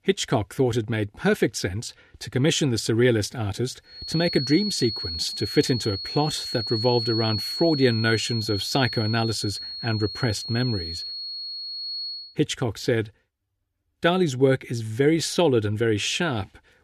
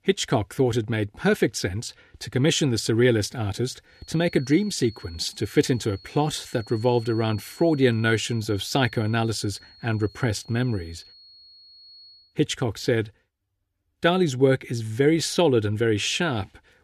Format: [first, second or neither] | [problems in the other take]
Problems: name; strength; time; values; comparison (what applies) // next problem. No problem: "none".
second | high-pitched whine; loud; from 4 to 12 s; 4.5 kHz, 5 dB below the speech; faint in the second